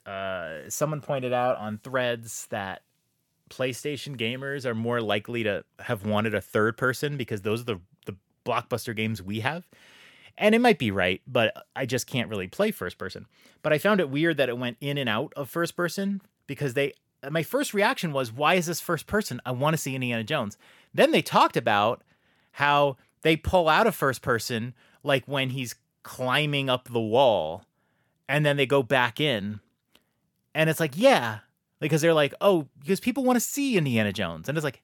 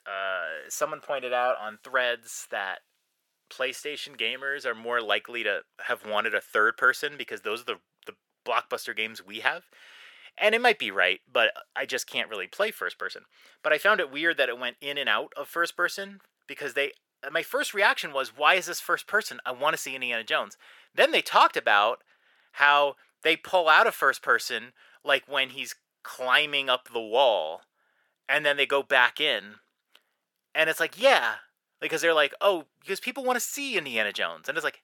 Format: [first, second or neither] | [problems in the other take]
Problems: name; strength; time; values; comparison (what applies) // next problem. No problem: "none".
first | thin; very; fading below 500 Hz